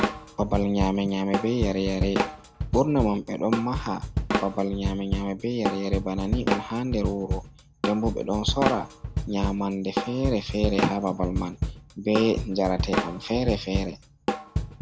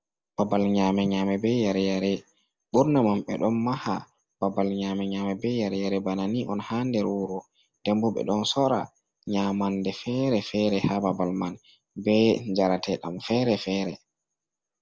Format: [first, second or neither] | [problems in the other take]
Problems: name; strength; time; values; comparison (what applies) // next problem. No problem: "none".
second | background sound (Drum kit); 3 dB below the speech